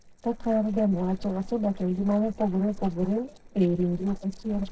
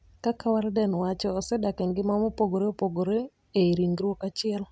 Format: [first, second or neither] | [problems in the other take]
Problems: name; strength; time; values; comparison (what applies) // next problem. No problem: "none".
second | noise reduction (neural separator model SepFormer DNS4)